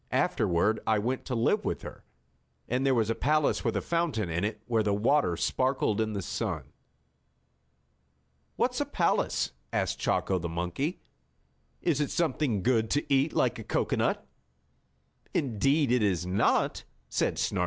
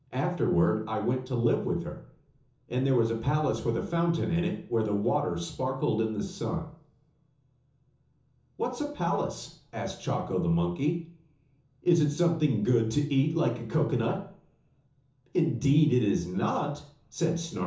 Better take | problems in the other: first | room echo; dies away in 0.7 s

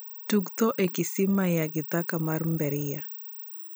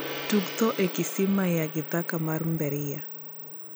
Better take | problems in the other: first | background sound (Gong); 12 dB below the speech

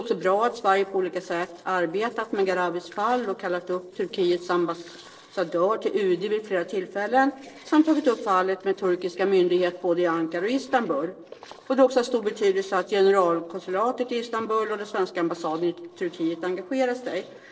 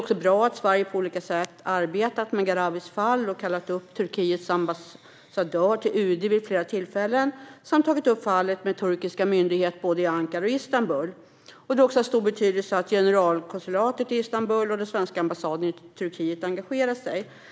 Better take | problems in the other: second | noise reduction (neural separator model SepFormer DNS4)

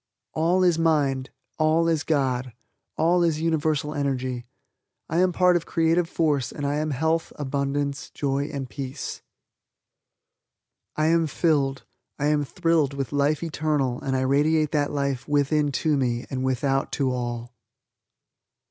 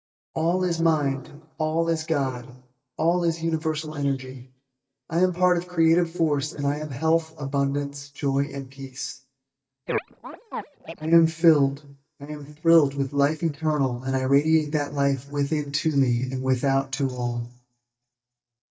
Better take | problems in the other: first | noise reduction (neural mask model DeepFilterNet 3)

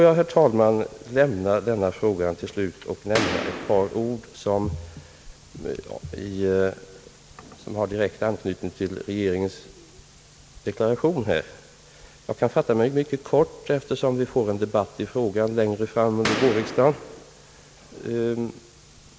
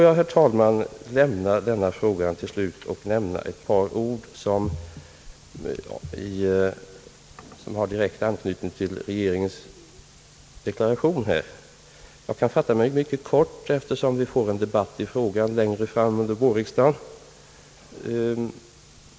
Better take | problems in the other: second | background sound (Boom); 5 dB below the speech

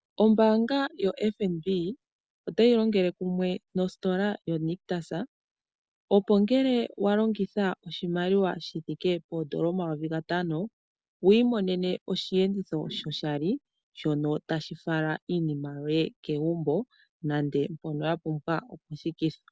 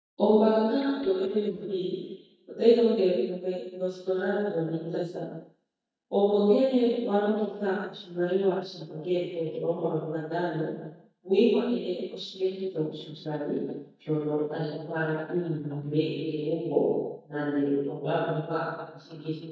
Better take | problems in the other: first | noise reduction (neural mask model DeepFilterNet 3)

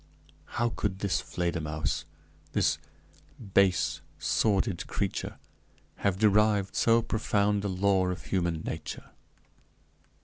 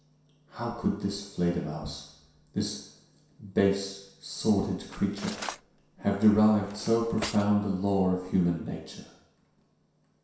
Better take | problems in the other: first | background sound (Cutlery, silverware); 14 dB below the speech // room echo; dies away in 0.7 s

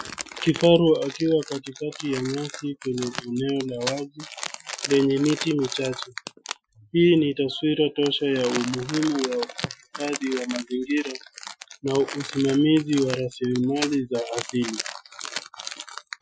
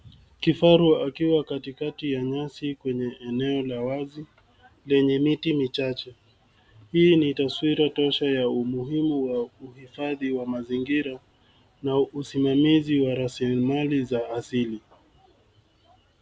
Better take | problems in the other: second | noise reduction (classical method Wiener filter)

